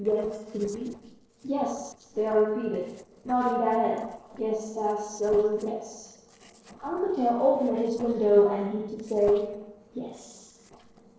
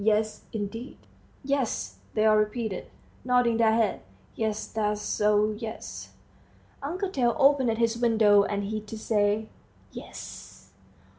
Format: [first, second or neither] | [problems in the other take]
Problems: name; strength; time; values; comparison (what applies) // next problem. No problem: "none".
second | noise reduction (neural separator model SepFormer DNS4)